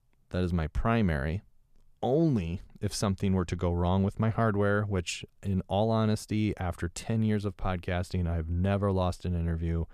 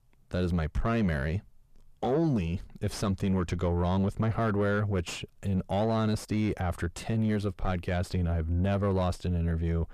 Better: first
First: none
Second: distortion; slight; 8 dB below the speech

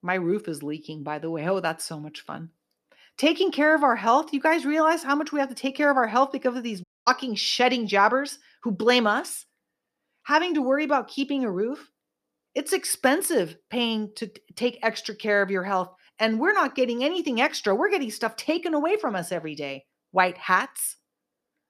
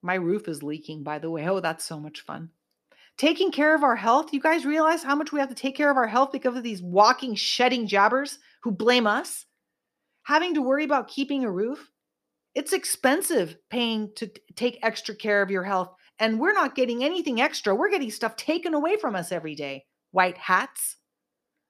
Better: second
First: audio cutting out; at 7 s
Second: none

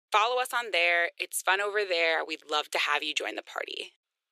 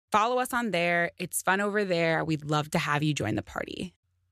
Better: second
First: thin; very; fading below 400 Hz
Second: none

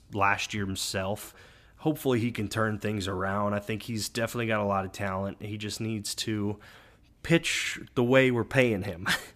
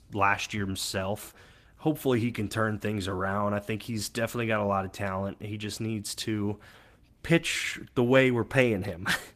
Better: first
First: none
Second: garbled, watery; slightly; nothing above 14.5 kHz

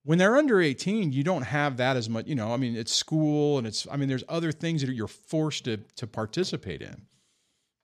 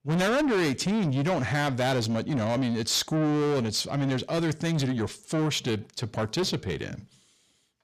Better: first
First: none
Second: distortion; heavy; 7 dB below the speech

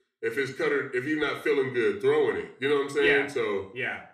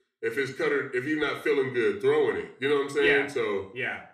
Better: neither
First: room echo; slight; dies away in 0.5 s // off-mic speech; somewhat distant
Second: room echo; slight; dies away in 0.5 s // off-mic speech; somewhat distant

